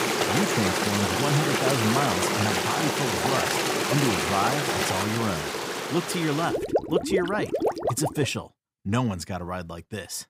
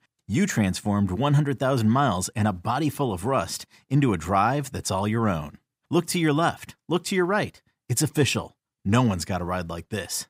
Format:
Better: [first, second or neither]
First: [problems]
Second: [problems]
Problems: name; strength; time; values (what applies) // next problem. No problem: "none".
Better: second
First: rain or running water; very loud; until 8 s; 3 dB above the speech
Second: none